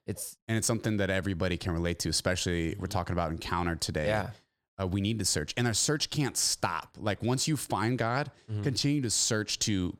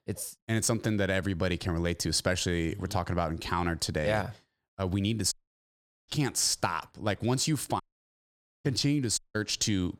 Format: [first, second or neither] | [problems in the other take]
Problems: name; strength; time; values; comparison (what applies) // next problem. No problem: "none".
first | audio cutting out; at 5.5 s for 1 s, at 8 s for 1 s and at 9 s